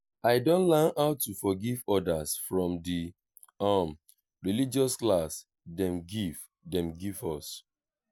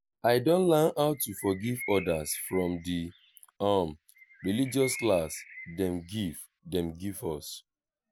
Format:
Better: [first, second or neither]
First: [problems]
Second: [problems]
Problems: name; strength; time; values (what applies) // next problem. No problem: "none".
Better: first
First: none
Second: background sound (Bird); 16 dB below the speech